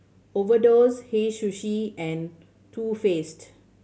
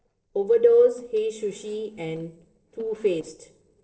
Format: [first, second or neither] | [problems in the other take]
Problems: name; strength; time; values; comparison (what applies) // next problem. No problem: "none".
first | noise reduction (neural separator model SepFormer DNS4)